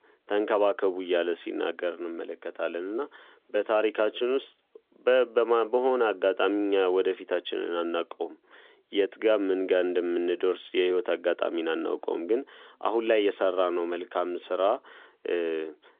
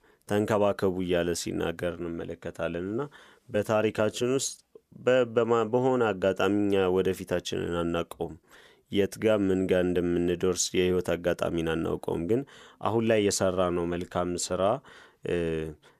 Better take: second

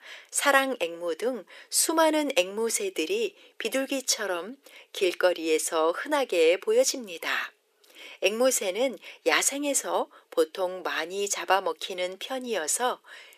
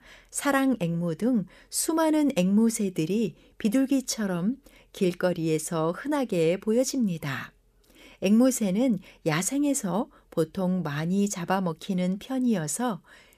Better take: second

